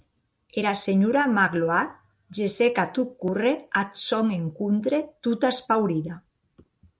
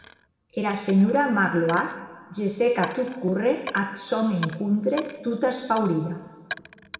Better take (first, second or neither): first